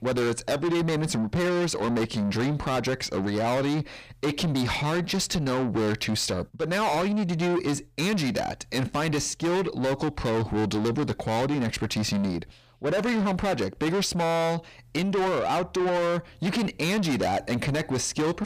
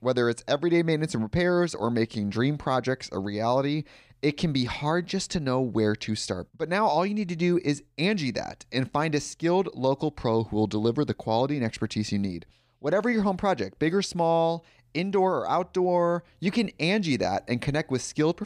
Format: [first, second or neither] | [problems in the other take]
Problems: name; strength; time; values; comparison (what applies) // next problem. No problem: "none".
second | distortion; heavy; 6 dB below the speech